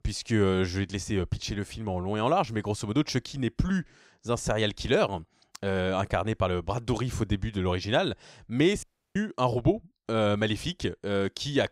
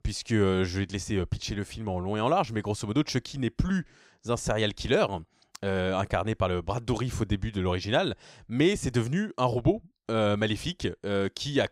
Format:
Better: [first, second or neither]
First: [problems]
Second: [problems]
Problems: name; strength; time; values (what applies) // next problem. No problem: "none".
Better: second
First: audio cutting out; at 9 s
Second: none